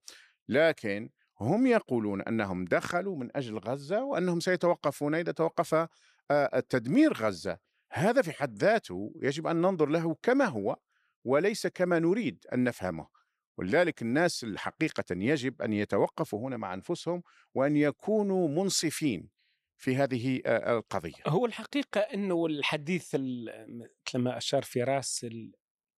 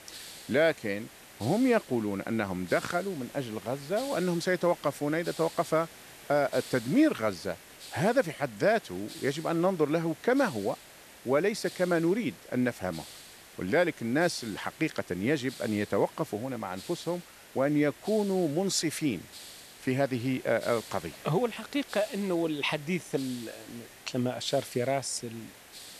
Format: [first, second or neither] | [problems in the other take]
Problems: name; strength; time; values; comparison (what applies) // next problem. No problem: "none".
first | hiss; noticeable; throughout; 15 dB below the speech